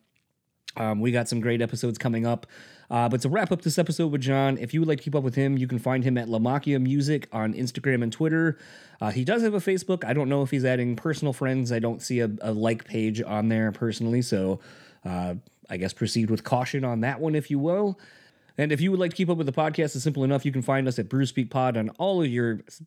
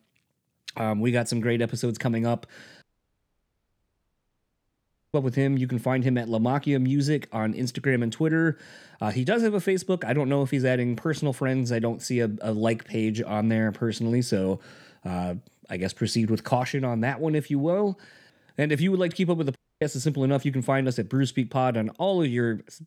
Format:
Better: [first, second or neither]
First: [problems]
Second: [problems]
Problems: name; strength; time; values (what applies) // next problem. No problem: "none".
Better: first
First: none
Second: audio cutting out; at 3 s for 2.5 s and at 20 s